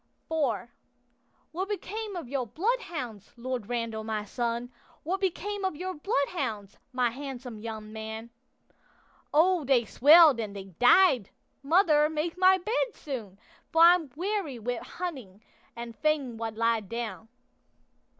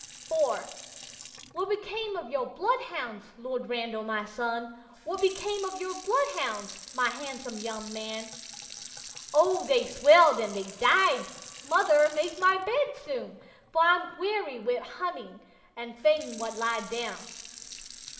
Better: first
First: none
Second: background sound (Sink (filling or washing) / Water tap, faucet); 18 dB below the speech // room echo; dies away in 1.4 s

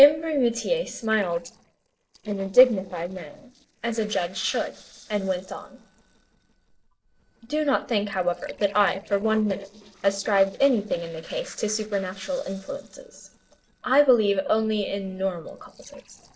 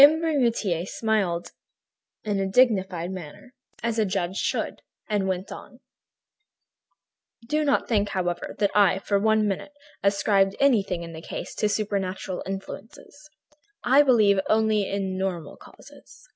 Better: second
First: noise reduction (neural separator model SepFormer DNS4)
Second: none

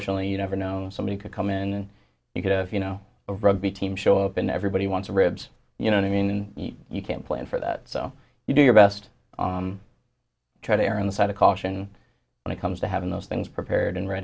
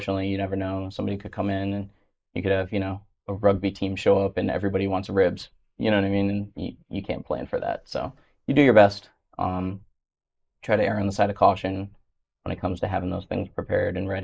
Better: first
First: none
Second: noise reduction (neural mask model Resemble Enhance denoiser)

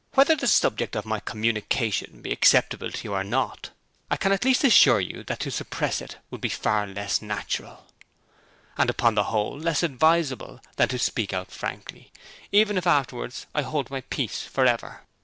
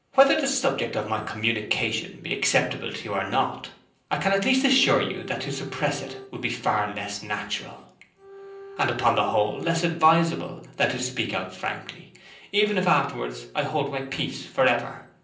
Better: first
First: none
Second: background sound (Bowed string instrument); 16 dB below the speech // room echo; dies away in 0.6 s

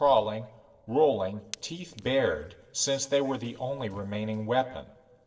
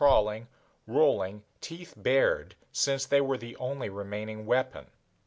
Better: second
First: noise reduction (neural separator model SepFormer DNS4)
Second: none

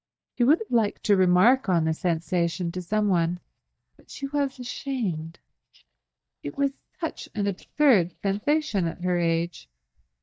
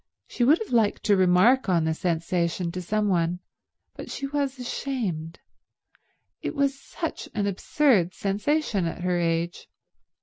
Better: second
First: noise reduction (neural mask model DeepFilterNet 3)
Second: none

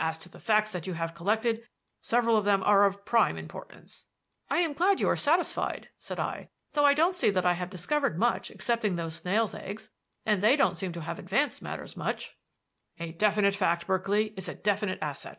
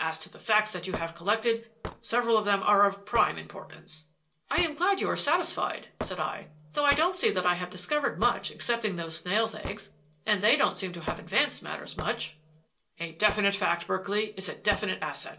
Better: first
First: none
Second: background sound (Hammer / Wood); 16 dB below the speech // room echo; dies away in 0.2 s

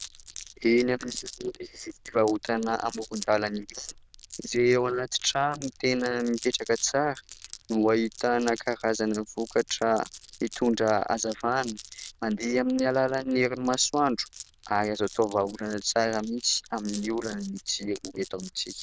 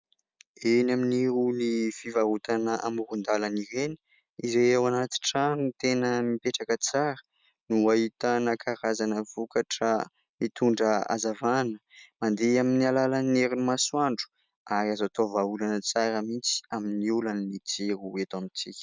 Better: second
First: noise reduction (neural diffusion model UNIVERSE++)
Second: none

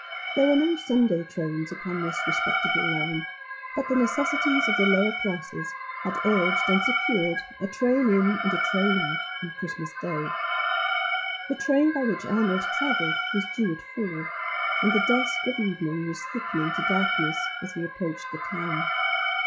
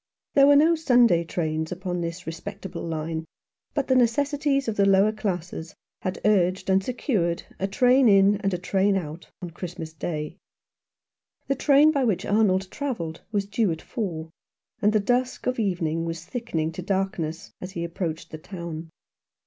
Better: second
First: noise reduction (classical method log-MMSE)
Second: none

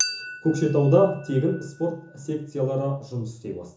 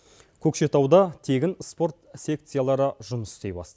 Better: second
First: background sound (Chink, clink); 13 dB below the speech // room echo; dies away in 0.7 s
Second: none

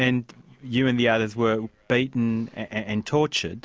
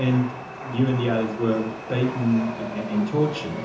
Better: first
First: none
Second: background sound (Chatter / Subway, metro, underground); 11 dB below the speech // room echo; dies away in 0.6 s

